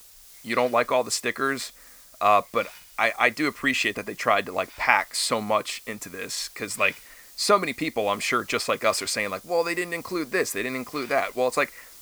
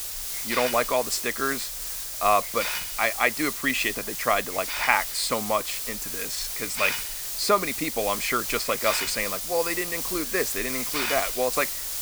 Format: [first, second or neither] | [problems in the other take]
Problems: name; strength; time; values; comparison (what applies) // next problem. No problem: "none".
first | hiss; loud; throughout; 2 dB below the speech; faint in the first